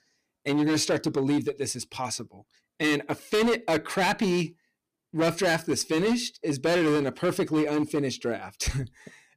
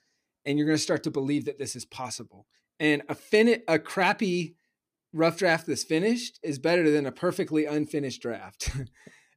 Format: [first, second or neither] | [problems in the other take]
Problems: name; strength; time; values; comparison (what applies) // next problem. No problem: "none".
second | distortion; heavy; 12% of the sound clipped